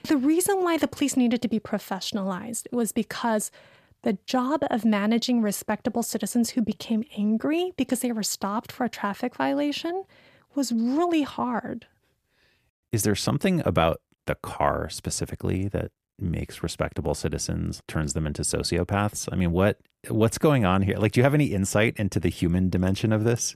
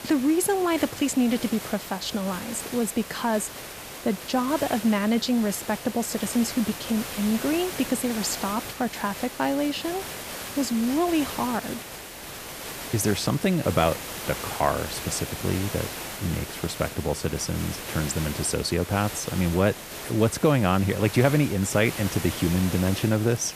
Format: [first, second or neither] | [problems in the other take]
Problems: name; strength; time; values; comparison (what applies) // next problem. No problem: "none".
first | hiss; loud; throughout; 9 dB below the speech